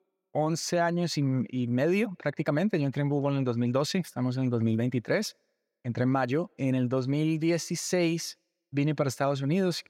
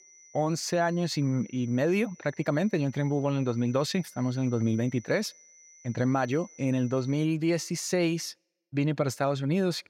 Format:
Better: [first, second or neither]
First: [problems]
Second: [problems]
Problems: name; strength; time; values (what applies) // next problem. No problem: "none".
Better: first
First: none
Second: high-pitched whine; faint; until 7.5 s; 6 kHz, 25 dB below the speech